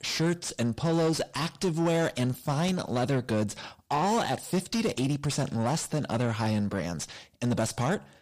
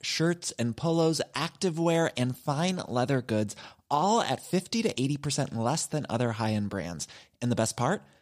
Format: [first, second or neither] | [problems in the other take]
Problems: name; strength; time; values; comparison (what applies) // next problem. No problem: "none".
second | distortion; slight; 10 dB below the speech